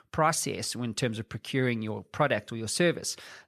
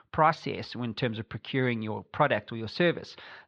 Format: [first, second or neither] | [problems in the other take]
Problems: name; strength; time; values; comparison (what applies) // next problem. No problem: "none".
first | muffled; slightly; fading above 4 kHz